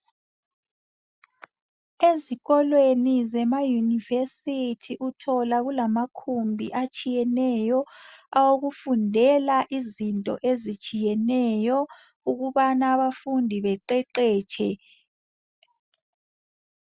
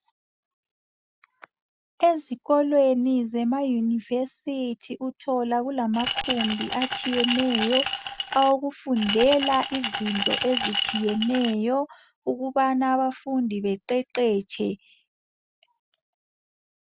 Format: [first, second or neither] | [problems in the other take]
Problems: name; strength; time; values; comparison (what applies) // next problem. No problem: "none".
first | background sound (Glass); 4 dB below the speech